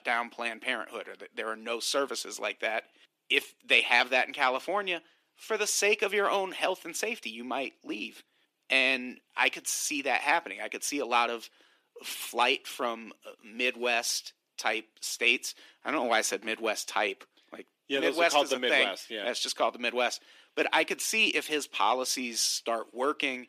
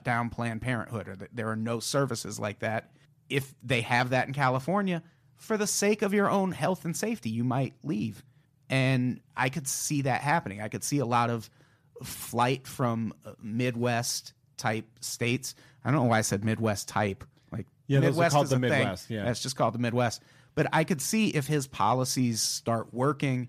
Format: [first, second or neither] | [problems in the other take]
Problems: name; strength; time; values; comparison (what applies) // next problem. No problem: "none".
second | thin; somewhat; fading below 300 Hz